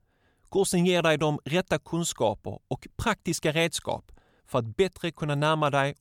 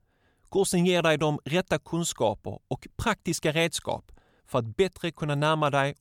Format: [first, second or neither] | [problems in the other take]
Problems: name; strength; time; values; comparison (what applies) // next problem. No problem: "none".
neither | none